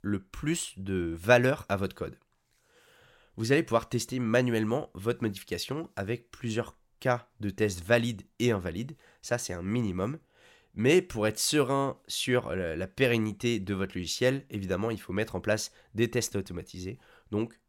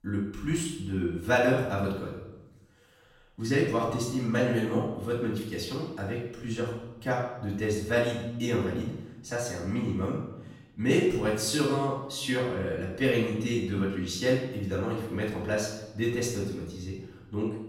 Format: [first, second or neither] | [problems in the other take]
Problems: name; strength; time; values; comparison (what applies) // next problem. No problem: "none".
first | off-mic speech; far // room echo; noticeable; dies away in 0.8 s